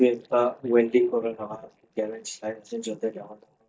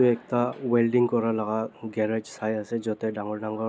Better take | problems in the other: second | noise reduction (neural mask model DeepFilterNet 3)

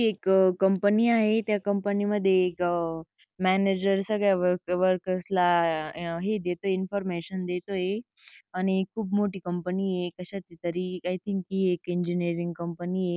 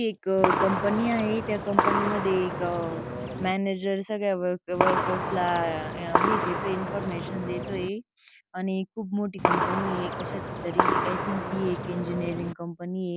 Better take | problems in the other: first | background sound (Gunshot, gunfire); 1 dB above the speech

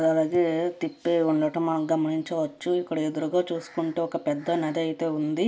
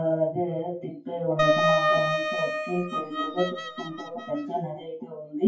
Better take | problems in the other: first | noise reduction (classical method WPE with log-MMSE)

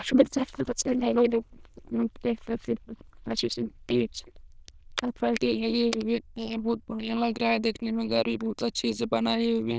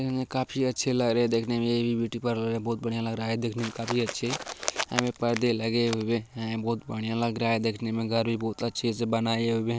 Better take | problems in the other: second | noise reduction (neural diffusion model UNIVERSE++)

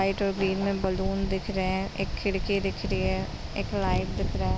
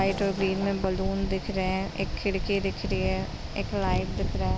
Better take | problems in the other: first | background sound (Race car, auto racing / Accelerating, revving, vroom); 16 dB below the speech

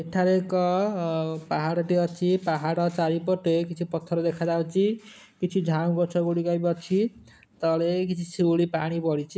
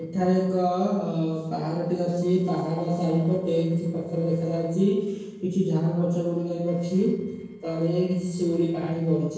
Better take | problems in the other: first | noise reduction (neural separator model SepFormer DNS4)

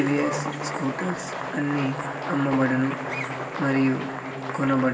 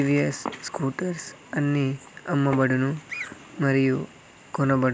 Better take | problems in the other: second | background sound (Applause); 7 dB below the speech // room echo; dies away in 2.5 s

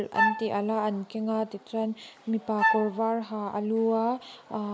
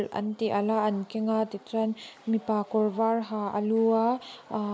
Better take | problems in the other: second | background sound (Wind instrument, woodwind instrument); 1 dB above the speech

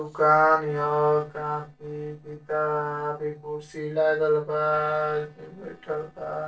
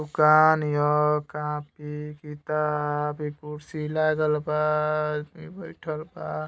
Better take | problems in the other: second | noise reduction (neural separator model SepFormer DNS4)

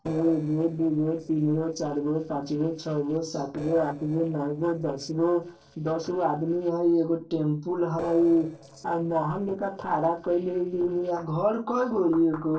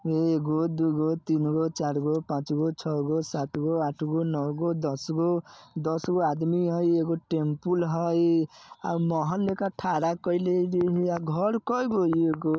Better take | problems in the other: second | noise reduction (neural separator model SepFormer DNS4)

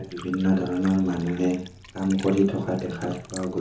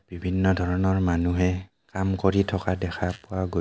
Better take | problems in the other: second | background sound (Liquid); 19 dB below the speech // room echo; dies away in 0.7 s

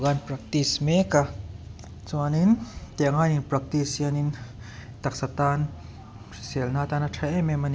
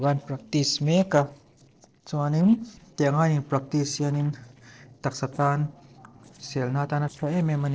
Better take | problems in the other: first | noise reduction (neural separator model SepFormer DNS4)

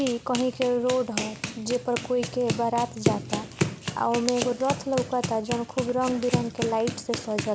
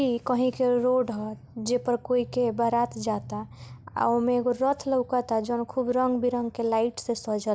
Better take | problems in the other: second | background sound (Run); 5 dB below the speech

